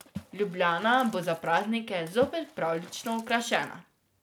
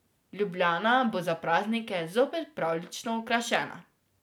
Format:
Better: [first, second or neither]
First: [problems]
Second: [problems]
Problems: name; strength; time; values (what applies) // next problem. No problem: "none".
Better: second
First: background sound (Water / Splash, splatter); 19 dB below the speech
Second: none